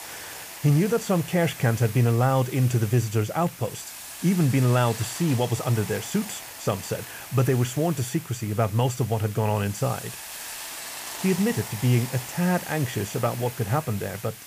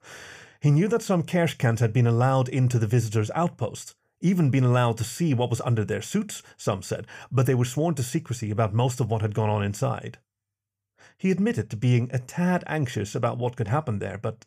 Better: second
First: hiss; noticeable; throughout; 10 dB below the speech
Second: none

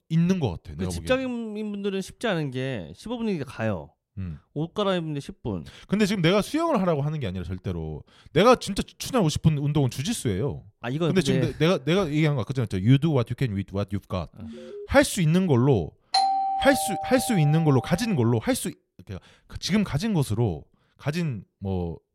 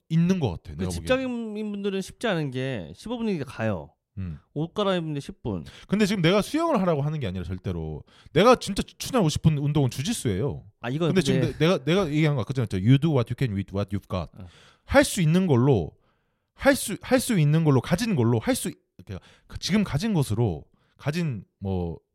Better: second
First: alarm; faint; at 14 s; peak 15 dB below the speech // doorbell; loud; from 16 to 18 s; peak 3 dB above the speech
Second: none

